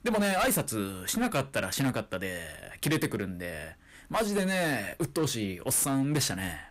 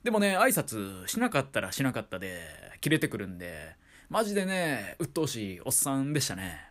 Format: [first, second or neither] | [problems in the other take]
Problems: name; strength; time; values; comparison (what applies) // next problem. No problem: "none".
second | distortion; heavy; 11% of the sound clipped